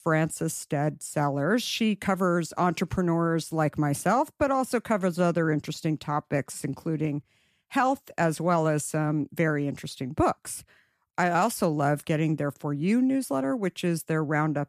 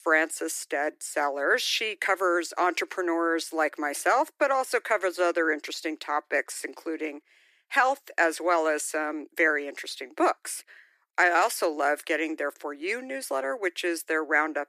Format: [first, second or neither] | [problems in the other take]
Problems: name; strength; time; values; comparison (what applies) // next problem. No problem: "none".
first | thin; very; fading below 350 Hz